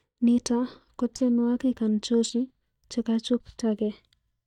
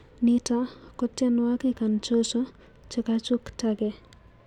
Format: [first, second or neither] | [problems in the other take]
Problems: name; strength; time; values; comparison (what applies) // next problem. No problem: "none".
second | noise reduction (neural mask model DeepFilterNet 3)